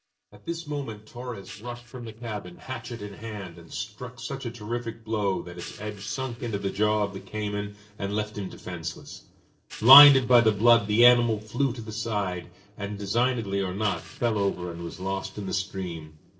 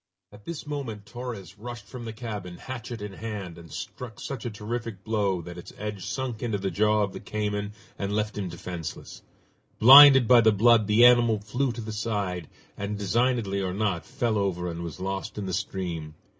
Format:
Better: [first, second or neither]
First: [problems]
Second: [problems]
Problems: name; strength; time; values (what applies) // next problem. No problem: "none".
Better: second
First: noise reduction (neural separator model SepFormer DNS4)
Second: none